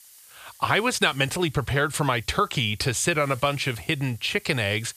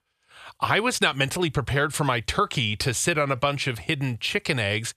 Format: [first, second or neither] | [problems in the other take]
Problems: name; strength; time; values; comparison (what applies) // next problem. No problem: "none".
second | hiss; faint; throughout; 25 dB below the speech